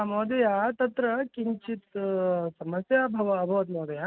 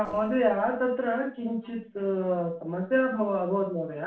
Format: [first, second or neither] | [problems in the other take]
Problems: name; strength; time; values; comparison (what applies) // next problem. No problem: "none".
first | noise reduction (neural separator model SepFormer DNS4)